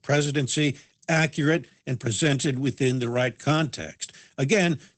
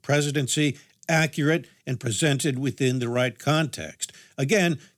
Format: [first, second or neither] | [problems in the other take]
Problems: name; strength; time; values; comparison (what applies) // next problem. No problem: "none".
second | garbled, watery; badly; nothing above 8 kHz